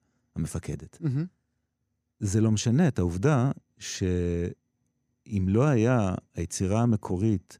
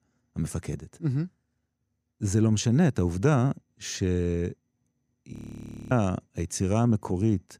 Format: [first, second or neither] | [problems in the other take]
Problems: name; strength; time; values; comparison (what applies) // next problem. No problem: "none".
first | audio freezing; at 5.5 s for 0.5 s